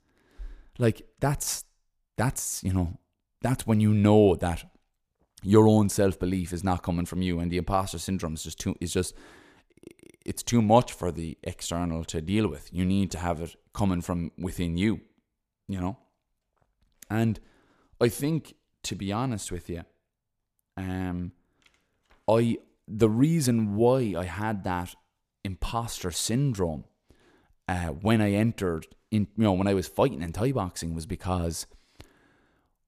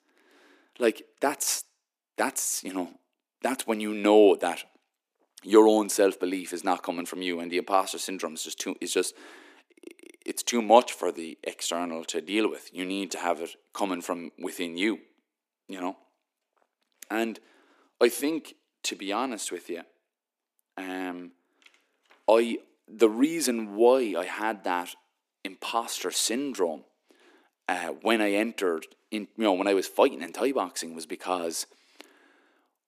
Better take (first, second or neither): first